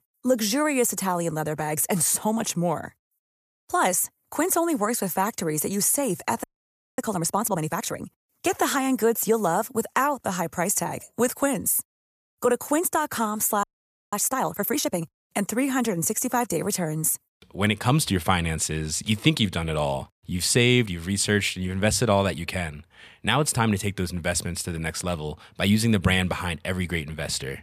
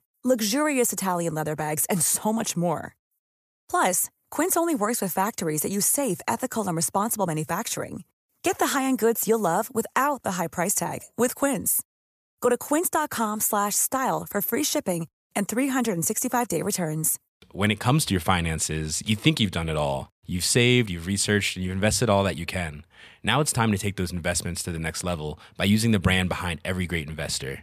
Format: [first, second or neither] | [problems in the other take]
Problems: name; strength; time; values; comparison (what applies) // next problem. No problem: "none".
second | audio freezing; at 6.5 s for 0.5 s and at 14 s